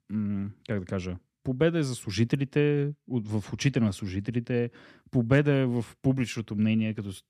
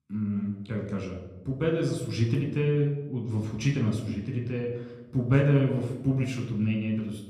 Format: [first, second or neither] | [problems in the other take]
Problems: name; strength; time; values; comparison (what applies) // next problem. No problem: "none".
first | off-mic speech; somewhat distant // room echo; slight; dies away in 0.8 s